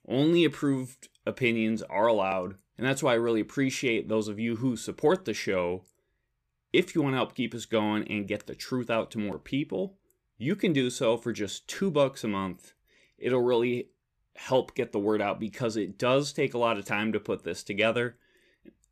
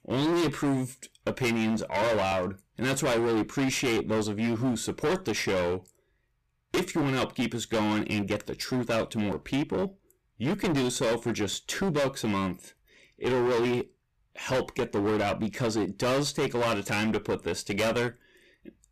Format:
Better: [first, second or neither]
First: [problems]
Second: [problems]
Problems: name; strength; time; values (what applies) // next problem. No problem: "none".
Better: first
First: none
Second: distortion; heavy; 21% of the sound clipped